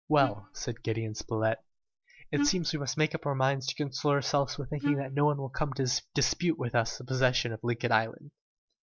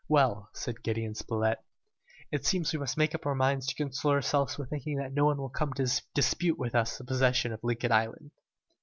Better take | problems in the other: second | noise reduction (neural mask model DeepFilterNet 3)

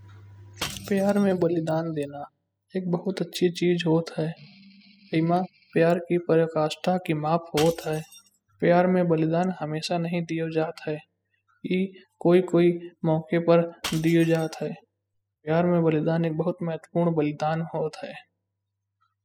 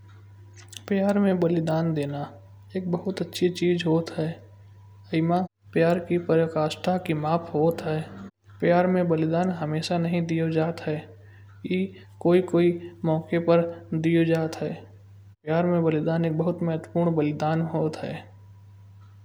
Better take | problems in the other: second | noise reduction (classical method spectral subtraction)

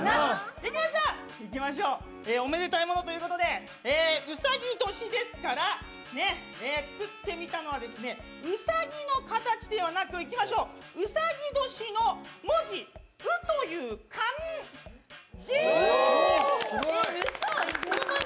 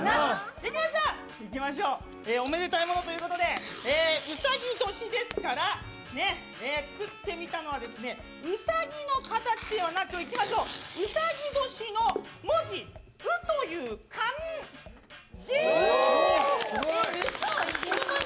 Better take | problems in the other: first | background sound (Tearing); 16 dB below the speech

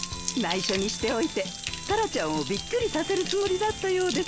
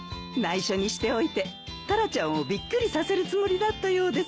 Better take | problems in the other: second | background sound (Bathtub (filling or washing)); 9 dB below the speech

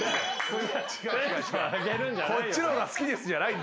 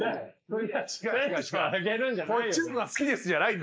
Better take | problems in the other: first | noise reduction (neural mask model Resemble Enhance denoiser)

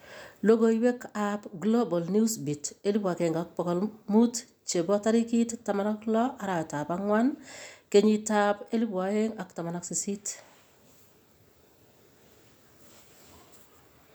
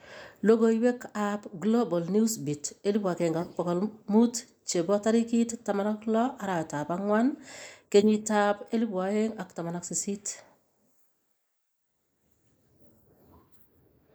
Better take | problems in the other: first | noise reduction (neural mask model Resemble Enhance denoiser)

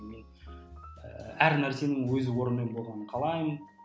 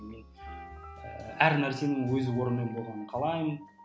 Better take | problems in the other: first | background sound (Wind instrument, woodwind instrument); 17 dB below the speech

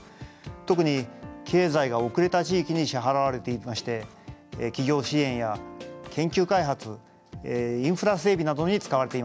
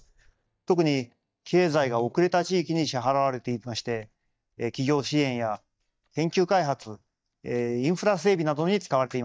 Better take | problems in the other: first | noise reduction (neural mask model DeepFilterNet 3)

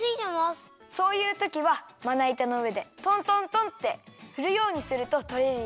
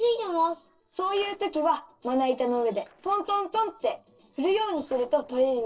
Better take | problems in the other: first | noise reduction (neural separator model SepFormer DNS4)

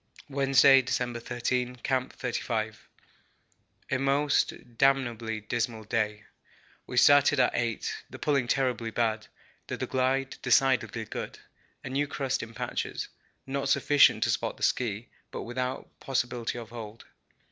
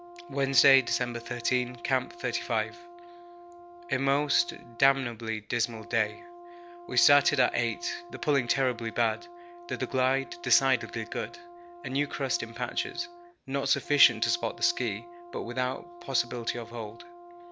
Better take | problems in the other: first | background sound (Brass instrument); 16 dB below the speech

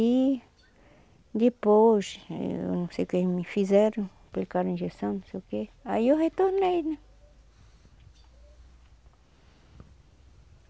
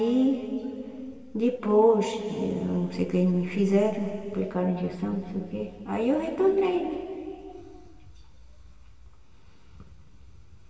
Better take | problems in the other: first | room echo; dies away in 2.6 s

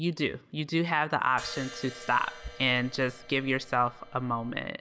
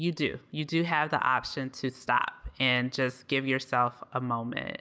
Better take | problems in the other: second | background sound (Crash cymbal); 16 dB below the speech

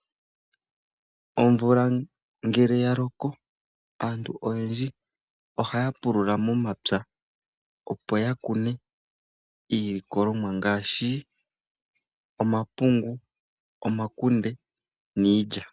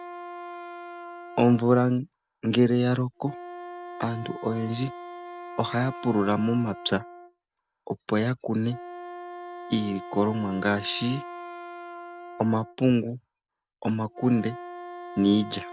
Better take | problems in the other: first | background sound (Wind instrument, woodwind instrument); 14 dB below the speech

